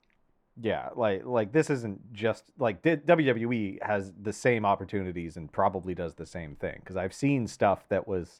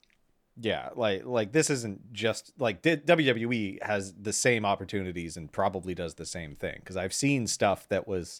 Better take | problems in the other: second | muffled; slightly; fading above 3 kHz

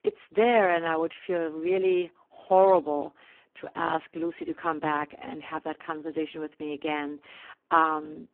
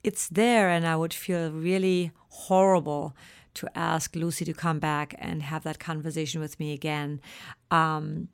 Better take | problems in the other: second | phone-call audio; poor line

